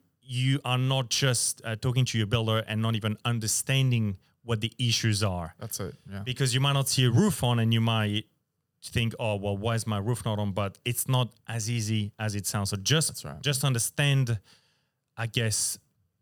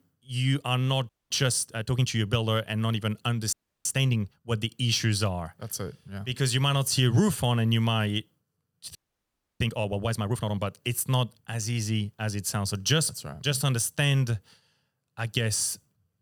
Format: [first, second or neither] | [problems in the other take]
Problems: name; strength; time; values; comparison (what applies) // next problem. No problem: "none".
first | audio freezing; at 1 s, at 3.5 s and at 9 s for 0.5 s